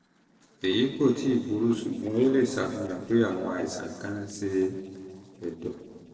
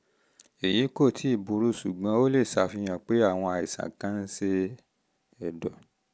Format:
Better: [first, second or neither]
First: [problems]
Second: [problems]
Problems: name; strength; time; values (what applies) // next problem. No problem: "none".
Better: second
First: noise reduction (neural separator model SepFormer DNS4)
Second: none